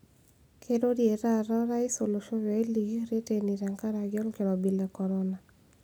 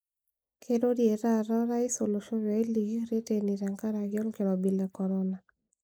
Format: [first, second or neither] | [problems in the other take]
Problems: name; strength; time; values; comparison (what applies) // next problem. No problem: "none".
first | noise reduction (neural mask model Resemble Enhance denoiser)